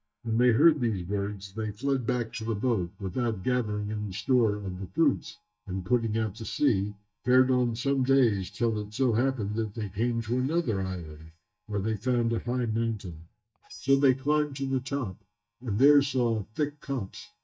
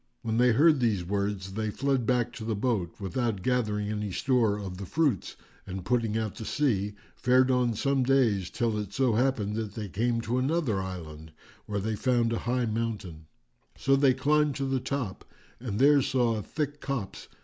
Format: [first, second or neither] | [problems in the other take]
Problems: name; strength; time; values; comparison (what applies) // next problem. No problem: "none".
second | noise reduction (neural mask model DeepFilterNet 3)